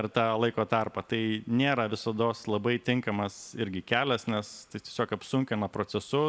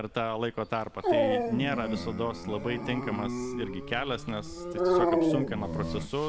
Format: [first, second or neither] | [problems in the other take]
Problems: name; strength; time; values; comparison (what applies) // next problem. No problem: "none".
first | background sound (Dog); 2 dB above the speech